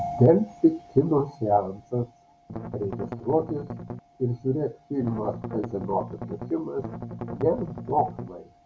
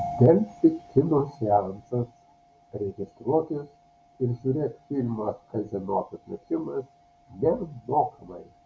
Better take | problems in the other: second | background sound (Strum); 9 dB below the speech

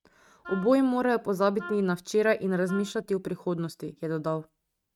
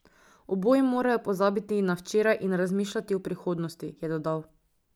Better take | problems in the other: second | noise reduction (neural mask model RNNoise)

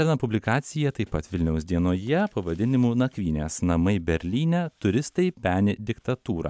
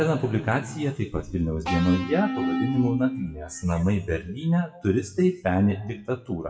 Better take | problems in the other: first | noise reduction (classical method WPE with log-MMSE)

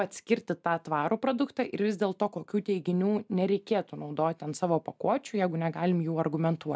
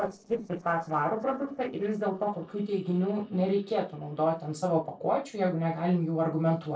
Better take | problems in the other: first | noise reduction (neural separator model SepFormer DNS4)

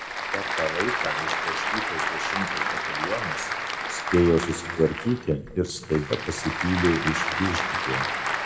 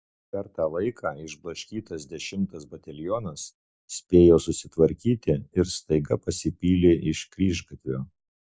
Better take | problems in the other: second | background sound (Applause / Crowd); 1 dB below the speech // room echo; dies away in 1.5 s

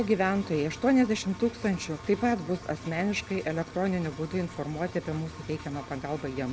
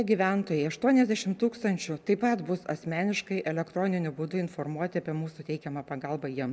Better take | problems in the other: second | background sound (Engine); 14 dB below the speech

